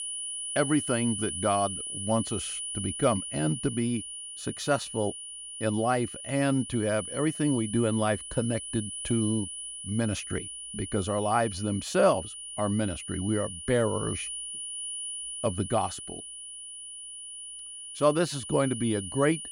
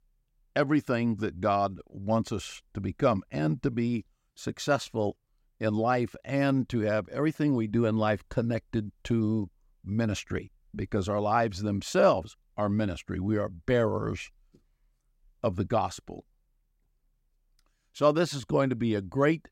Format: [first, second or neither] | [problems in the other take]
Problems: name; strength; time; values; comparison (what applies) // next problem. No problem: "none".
second | high-pitched whine; loud; throughout; 9.5 kHz, 7 dB below the speech